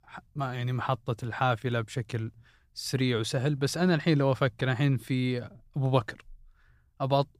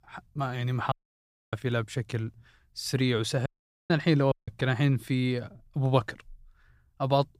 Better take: first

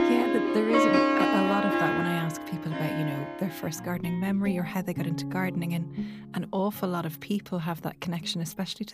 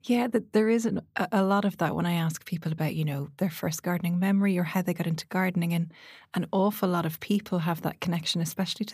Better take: second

